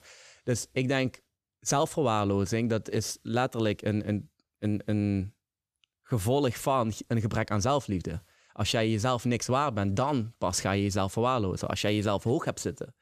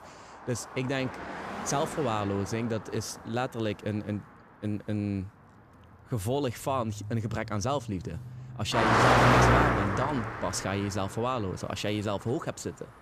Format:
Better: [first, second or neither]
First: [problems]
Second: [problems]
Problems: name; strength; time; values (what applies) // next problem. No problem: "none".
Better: first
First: none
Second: traffic noise; very loud; throughout; 5 dB above the speech